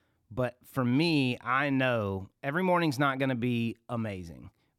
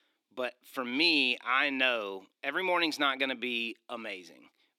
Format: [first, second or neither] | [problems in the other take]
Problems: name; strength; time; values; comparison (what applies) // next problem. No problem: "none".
first | thin; somewhat; fading below 300 Hz